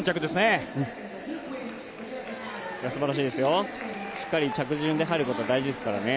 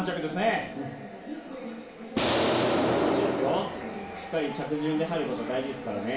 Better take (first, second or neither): first